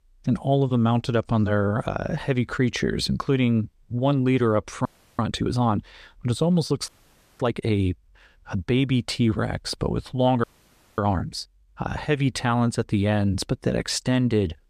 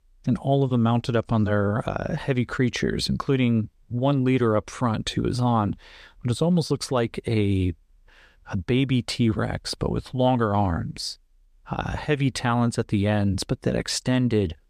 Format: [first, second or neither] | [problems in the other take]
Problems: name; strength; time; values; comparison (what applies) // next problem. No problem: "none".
second | audio freezing; at 5 s, at 7 s for 0.5 s and at 10 s for 0.5 s